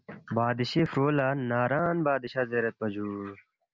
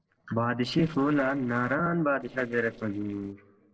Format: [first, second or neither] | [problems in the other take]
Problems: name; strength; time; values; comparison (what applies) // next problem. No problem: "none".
first | noise reduction (neural separator model SepFormer DNS4)